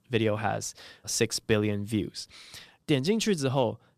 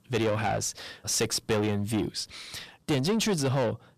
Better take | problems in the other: first | distortion; heavy; 7 dB below the speech

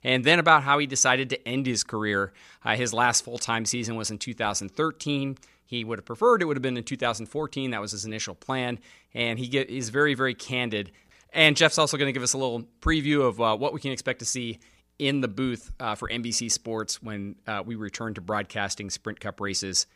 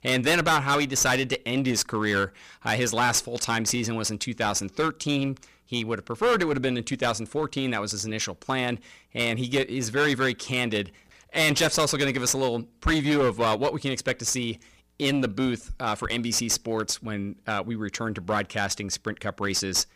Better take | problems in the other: first | distortion; heavy; 9% of the sound clipped

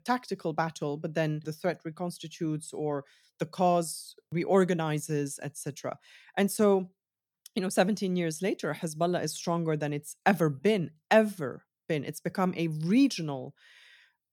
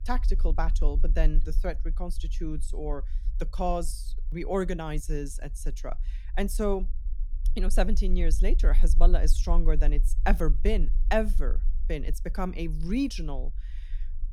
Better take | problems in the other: first | low rumble; faint; throughout; 20 dB below the speech

